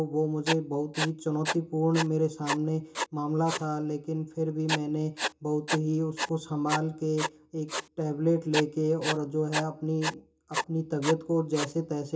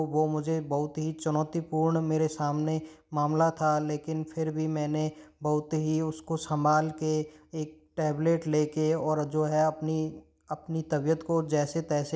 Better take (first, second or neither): second